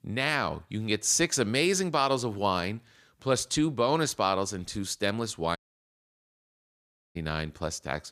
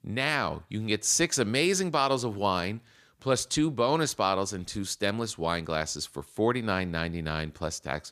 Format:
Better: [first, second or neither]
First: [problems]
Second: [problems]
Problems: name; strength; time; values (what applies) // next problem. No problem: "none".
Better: second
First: audio cutting out; at 5.5 s for 1.5 s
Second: none